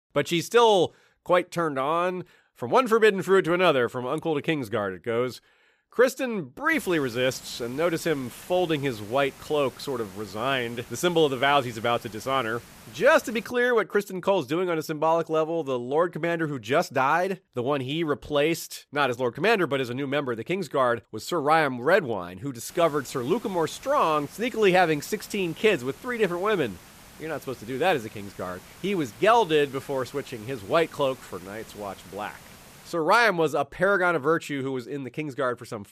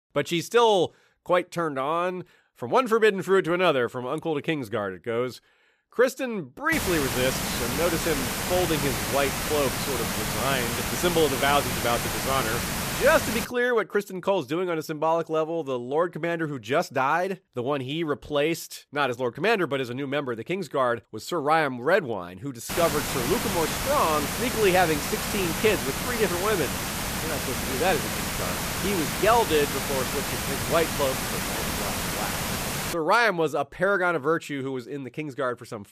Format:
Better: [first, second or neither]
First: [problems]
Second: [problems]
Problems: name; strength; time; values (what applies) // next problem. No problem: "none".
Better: first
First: hiss; faint; from 6.5 to 13 s and from 23 to 33 s; 20 dB below the speech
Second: hiss; loud; from 6.5 to 13 s and from 23 to 33 s; 2 dB below the speech